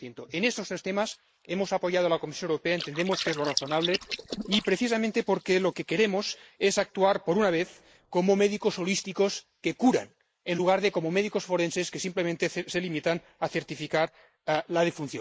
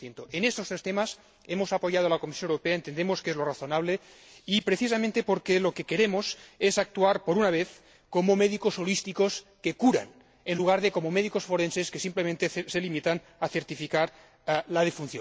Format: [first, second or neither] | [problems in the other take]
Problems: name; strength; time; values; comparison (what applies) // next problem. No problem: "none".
second | noise reduction (neural mask model Resemble Enhance denoiser)